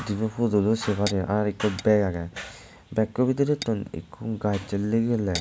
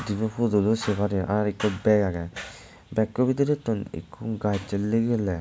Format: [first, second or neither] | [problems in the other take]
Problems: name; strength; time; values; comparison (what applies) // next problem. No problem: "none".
second | background sound (Tap / Glass); 18 dB below the speech